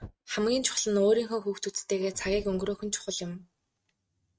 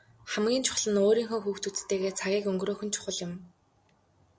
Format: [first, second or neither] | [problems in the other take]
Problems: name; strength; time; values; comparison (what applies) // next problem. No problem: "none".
second | noise reduction (neural mask model RNNoise)